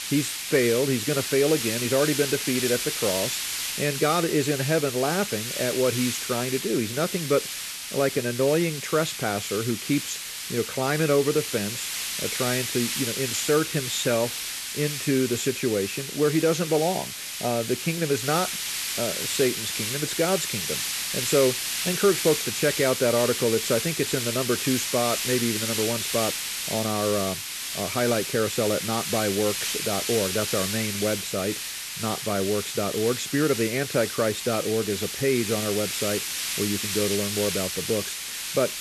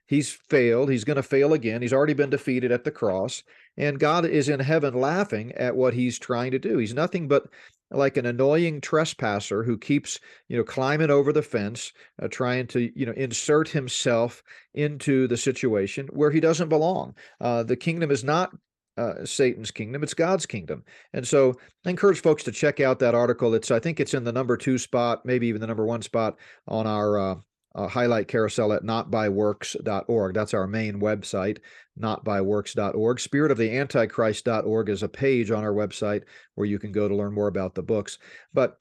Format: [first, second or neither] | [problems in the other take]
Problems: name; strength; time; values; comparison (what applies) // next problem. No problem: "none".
second | hiss; loud; throughout; 2 dB below the speech